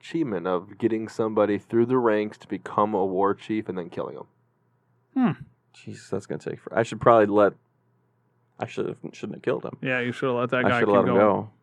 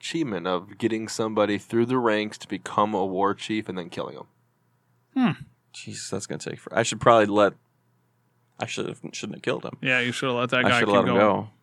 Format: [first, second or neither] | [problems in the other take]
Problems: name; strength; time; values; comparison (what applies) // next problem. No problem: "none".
second | muffled; slightly; fading above 2.5 kHz